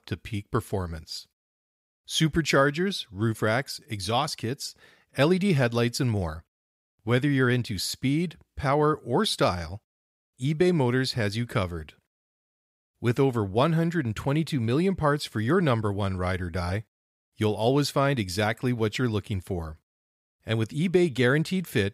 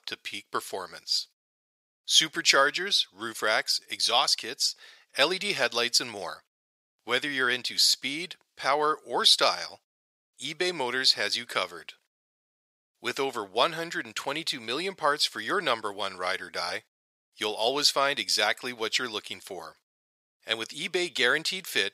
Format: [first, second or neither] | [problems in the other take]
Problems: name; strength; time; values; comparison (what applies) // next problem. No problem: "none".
first | thin; very; fading below 600 Hz